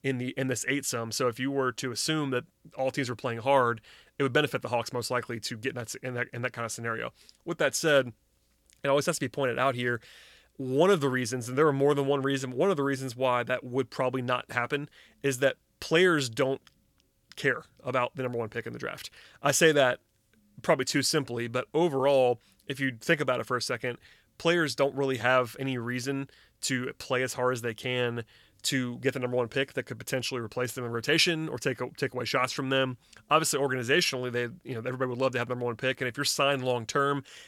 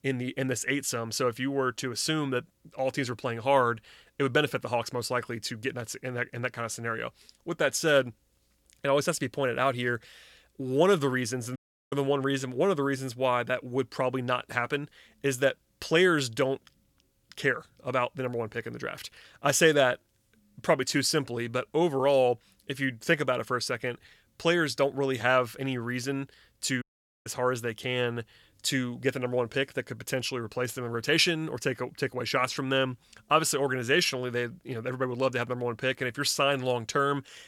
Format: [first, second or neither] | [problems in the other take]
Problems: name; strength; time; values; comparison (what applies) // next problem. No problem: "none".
first | audio cutting out; at 12 s and at 27 s